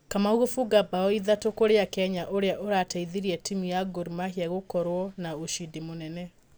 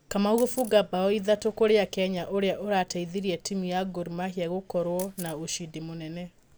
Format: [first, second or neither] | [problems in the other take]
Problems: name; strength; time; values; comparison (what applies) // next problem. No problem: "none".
first | background sound (Camera); 19 dB below the speech